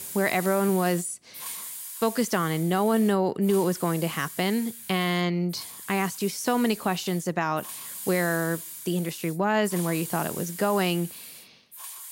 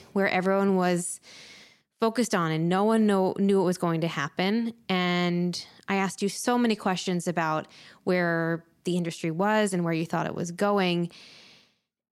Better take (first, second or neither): second